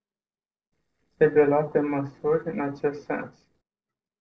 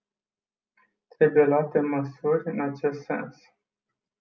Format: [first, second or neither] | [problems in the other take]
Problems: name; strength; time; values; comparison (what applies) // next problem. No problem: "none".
second | noise reduction (neural separator model SepFormer DNS4)